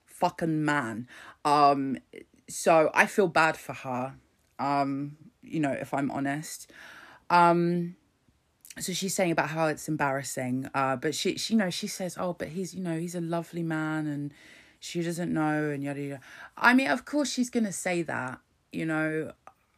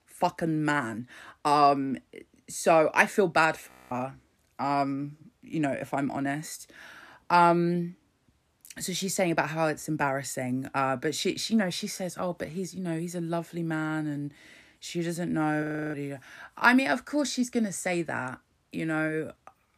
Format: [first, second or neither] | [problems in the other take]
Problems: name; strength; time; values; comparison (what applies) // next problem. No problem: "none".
first | audio freezing; at 3.5 s and at 16 s